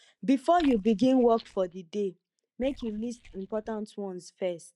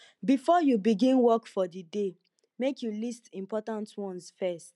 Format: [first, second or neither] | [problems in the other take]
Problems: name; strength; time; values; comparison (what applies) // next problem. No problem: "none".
second | noise reduction (neural mask model DeepFilterNet 3)